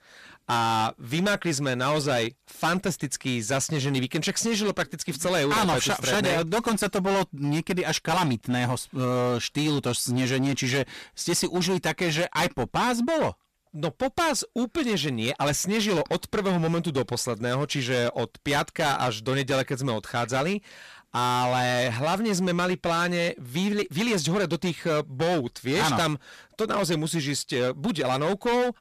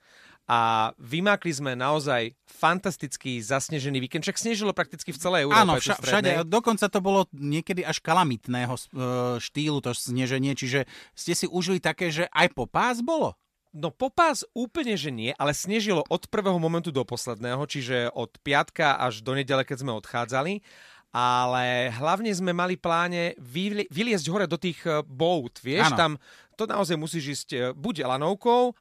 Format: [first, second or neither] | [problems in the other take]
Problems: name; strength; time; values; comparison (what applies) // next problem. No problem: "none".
second | distortion; heavy; 18% of the sound clipped